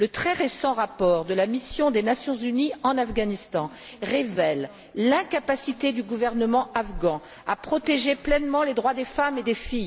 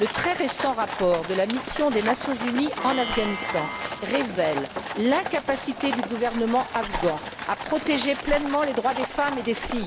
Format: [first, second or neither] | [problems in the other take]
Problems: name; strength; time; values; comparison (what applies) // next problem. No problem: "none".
first | background sound (Plucked string instrument + Livestock, farm animals, working animals); 7 dB below the speech